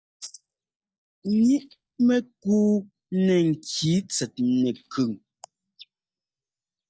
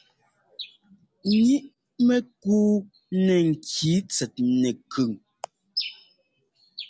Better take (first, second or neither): second